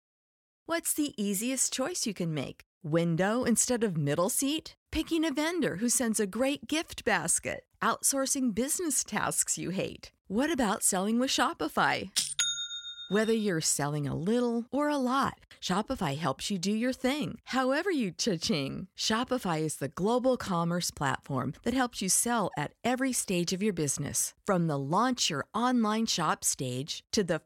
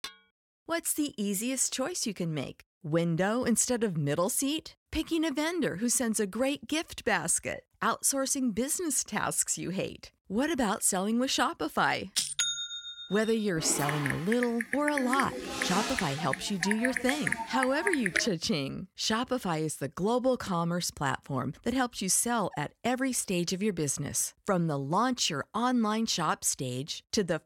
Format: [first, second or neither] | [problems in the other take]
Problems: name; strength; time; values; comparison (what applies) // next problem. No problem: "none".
first | clattering dishes; faint; at the start; peak 15 dB below the speech // keyboard typing; loud; from 14 to 18 s; peak 1 dB above the speech